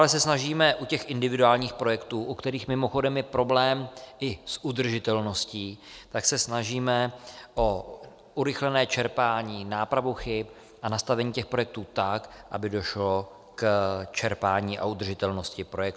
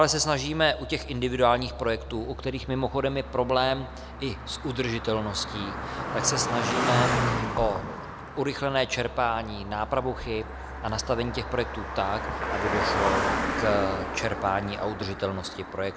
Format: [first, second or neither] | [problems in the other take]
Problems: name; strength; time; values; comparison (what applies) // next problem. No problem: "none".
first | background sound (Car passing by); 4 dB below the speech